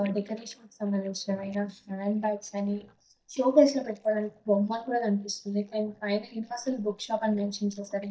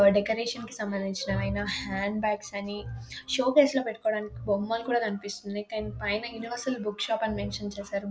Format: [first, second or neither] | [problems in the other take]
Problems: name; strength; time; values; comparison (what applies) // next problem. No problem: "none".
second | noise reduction (neural mask model DeepFilterNet 3)